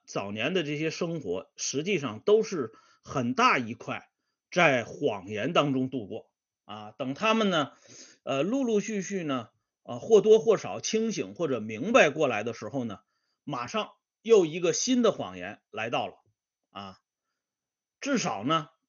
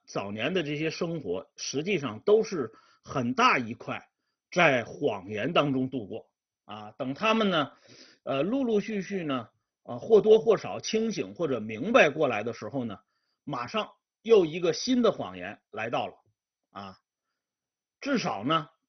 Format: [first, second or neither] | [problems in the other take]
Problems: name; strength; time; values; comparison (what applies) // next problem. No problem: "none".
first | garbled, watery; badly; nothing above 6 kHz; slightly in the first